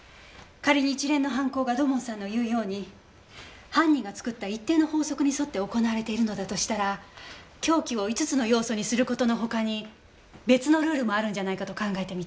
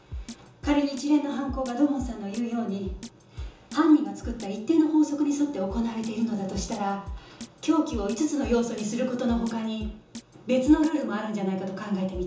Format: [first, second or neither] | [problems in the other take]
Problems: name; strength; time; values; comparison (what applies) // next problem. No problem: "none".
first | background sound (Drum kit); 15 dB below the speech // room echo; dies away in 0.6 s